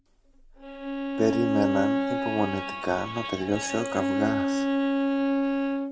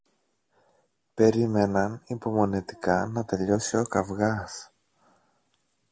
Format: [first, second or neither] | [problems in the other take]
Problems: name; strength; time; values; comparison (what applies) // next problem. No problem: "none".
second | background sound (Bowed string instrument); 3 dB above the speech // room echo; dies away in 0.9 s